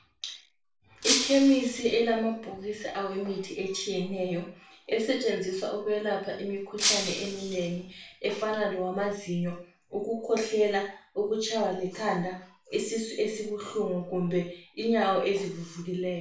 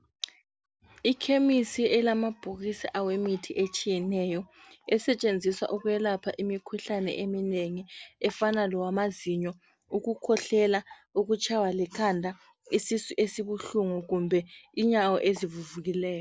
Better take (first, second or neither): second